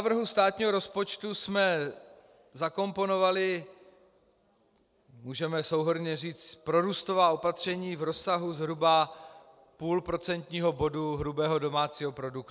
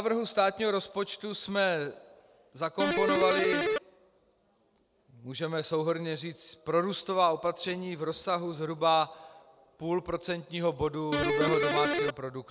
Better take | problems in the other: first | background sound (Electric guitar); 3 dB above the speech

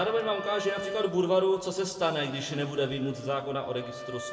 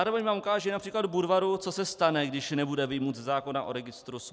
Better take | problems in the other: second | background sound (Wind instrument, woodwind instrument); 12 dB below the speech // room echo; dies away in 2 s

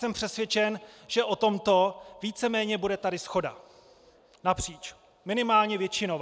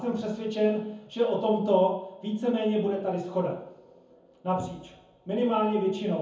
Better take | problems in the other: first | room echo; dies away in 0.7 s

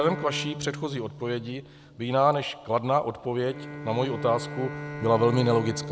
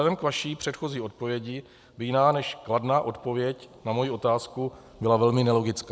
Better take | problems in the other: second | background sound (Bowed string instrument); 11 dB below the speech

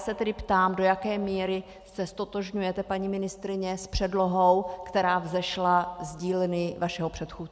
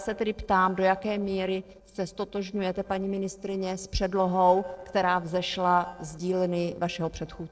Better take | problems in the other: first | noise reduction (neural separator model SepFormer DNS4)

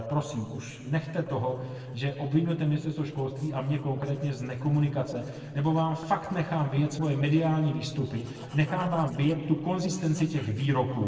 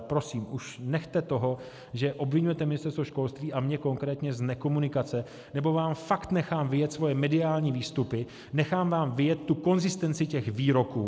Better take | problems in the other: second | noise reduction (neural separator model SepFormer DNS4)

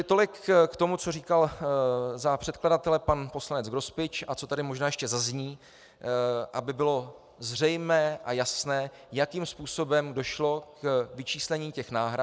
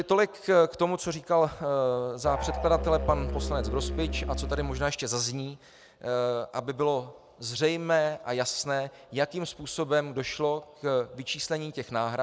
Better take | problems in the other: first | background sound (Musical instrument); 4 dB below the speech

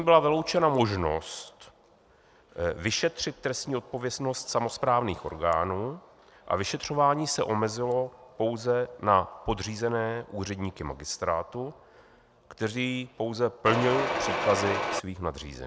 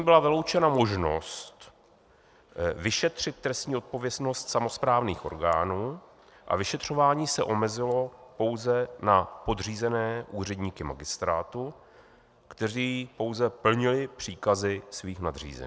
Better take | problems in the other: second | background sound (Mechanisms); as loud as the speech

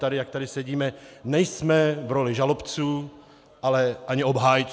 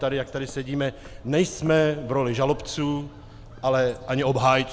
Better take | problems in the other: first | background sound (Bird); 19 dB below the speech

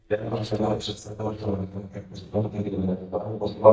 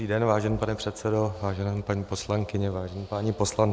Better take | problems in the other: second | noise reduction (neural mask model DeepFilterNet 3)

